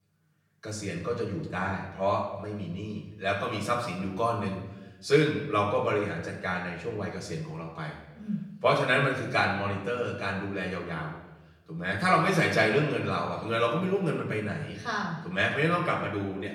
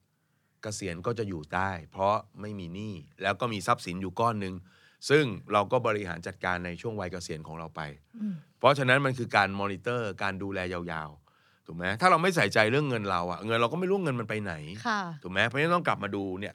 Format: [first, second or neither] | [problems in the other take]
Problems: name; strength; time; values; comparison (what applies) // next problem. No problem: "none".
second | off-mic speech; far // room echo; noticeable; dies away in 0.9 s